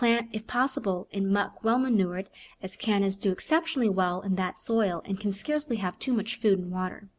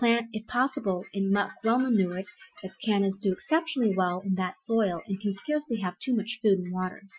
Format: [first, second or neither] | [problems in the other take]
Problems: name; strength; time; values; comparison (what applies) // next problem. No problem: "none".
first | noise reduction (classical method Wiener filter)